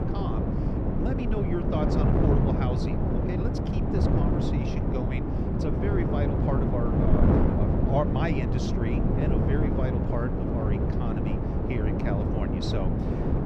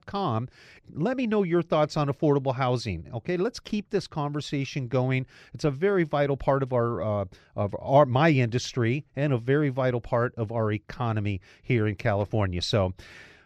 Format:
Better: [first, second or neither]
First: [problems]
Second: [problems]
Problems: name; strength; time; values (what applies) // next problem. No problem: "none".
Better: second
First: wind noise on the microphone; heavy; 3 dB above the speech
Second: none